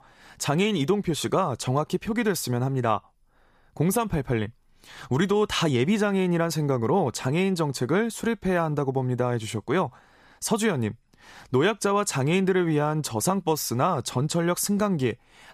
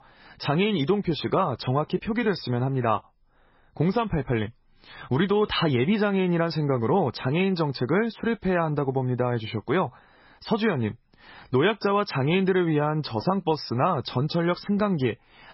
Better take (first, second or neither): first